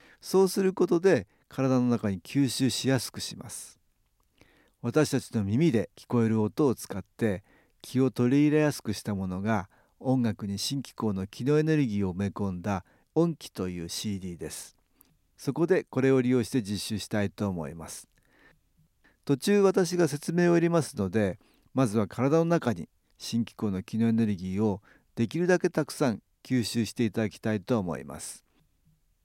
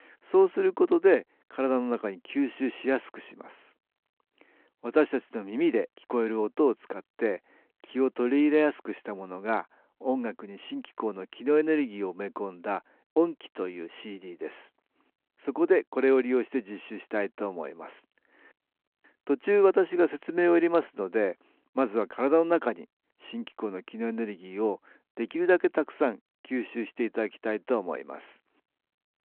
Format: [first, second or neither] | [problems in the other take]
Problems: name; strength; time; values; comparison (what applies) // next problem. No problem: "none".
first | phone-call audio